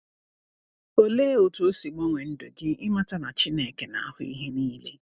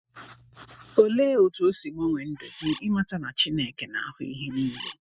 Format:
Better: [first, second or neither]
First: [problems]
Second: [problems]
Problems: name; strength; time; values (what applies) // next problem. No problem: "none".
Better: first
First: none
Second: noise reduction (classical method Wiener filter)